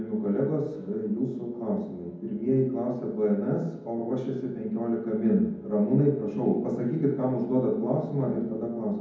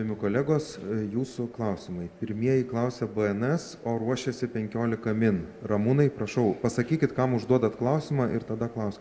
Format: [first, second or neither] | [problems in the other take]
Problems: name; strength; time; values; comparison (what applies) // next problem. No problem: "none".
second | room echo; dies away in 1.2 s